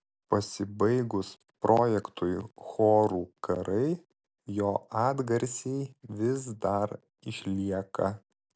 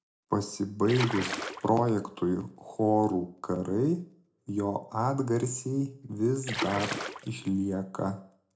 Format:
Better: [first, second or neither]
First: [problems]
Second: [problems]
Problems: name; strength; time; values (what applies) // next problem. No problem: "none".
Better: first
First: none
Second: background sound (Splash, splatter); 6 dB below the speech // room echo; dies away in 0.3 s